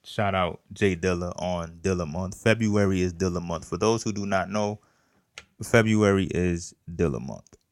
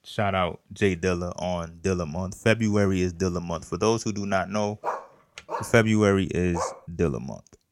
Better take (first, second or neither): first